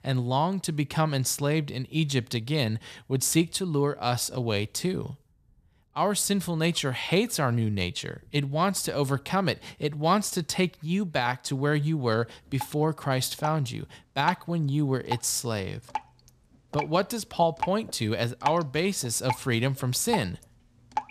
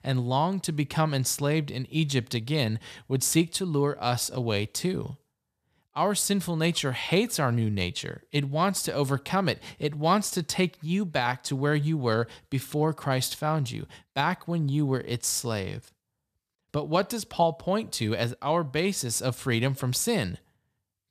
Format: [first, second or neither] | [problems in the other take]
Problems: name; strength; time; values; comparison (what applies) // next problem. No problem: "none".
second | rain or running water; loud; throughout; 9 dB below the speech